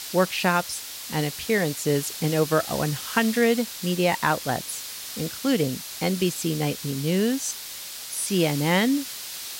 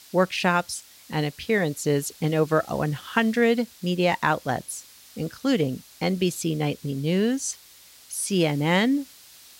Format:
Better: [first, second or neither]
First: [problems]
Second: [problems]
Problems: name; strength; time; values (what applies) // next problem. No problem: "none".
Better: second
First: hiss; loud; throughout; 8 dB below the speech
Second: hiss; faint; throughout; 20 dB below the speech